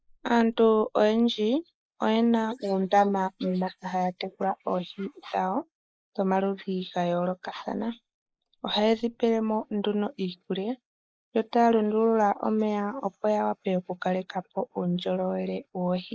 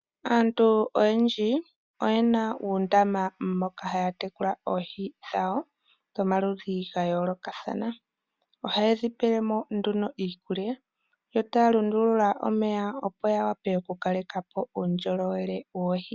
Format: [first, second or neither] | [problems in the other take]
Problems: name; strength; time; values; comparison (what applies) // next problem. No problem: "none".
second | noise reduction (neural mask model Resemble Enhance denoiser)